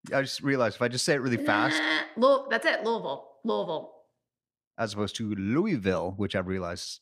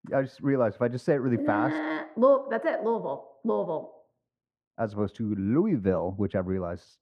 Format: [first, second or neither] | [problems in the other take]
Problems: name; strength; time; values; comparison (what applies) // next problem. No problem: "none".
first | muffled; very; fading above 2 kHz